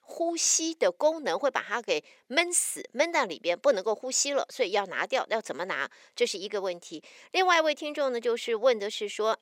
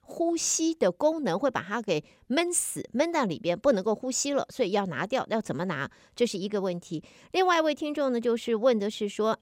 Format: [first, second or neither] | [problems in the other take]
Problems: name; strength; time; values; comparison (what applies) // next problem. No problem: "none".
second | thin; somewhat; fading below 500 Hz